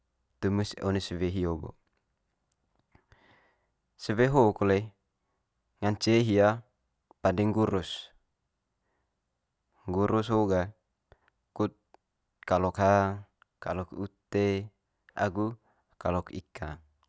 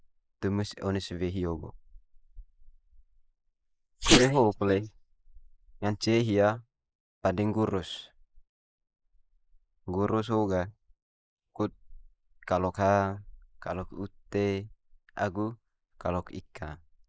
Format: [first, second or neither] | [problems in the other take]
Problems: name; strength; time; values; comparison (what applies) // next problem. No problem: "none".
first | noise reduction (neural mask model Resemble Enhance denoiser)